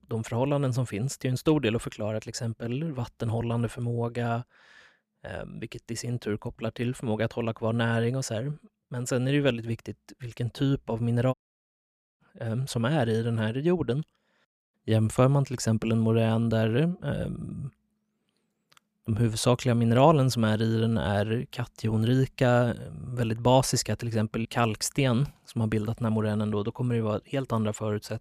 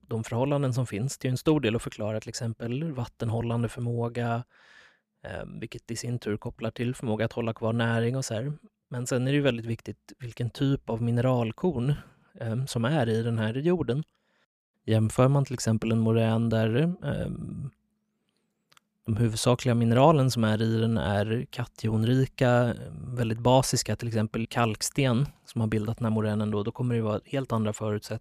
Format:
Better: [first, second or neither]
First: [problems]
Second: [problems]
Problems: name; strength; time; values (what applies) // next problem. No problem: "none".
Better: second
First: audio cutting out; at 11 s for 1 s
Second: none